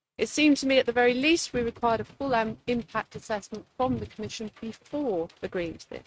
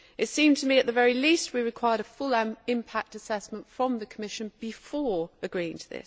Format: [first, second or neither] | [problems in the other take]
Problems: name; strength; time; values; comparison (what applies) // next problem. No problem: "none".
second | noise reduction (neural mask model RNNoise)